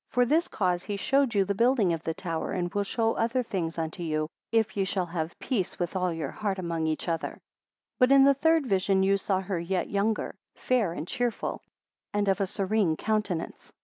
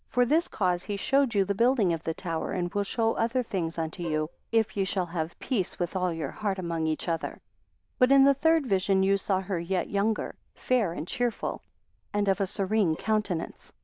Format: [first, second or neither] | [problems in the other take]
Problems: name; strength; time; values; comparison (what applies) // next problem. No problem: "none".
first | noise reduction (neural diffusion model UNIVERSE++)